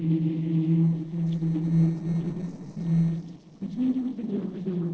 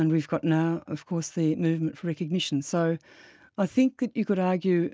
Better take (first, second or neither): second